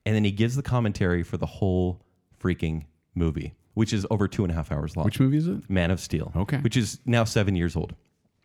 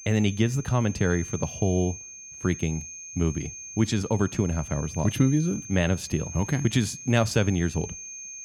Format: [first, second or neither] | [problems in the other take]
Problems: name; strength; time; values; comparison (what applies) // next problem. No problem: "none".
first | high-pitched whine; noticeable; throughout; 6.5 kHz, 10 dB below the speech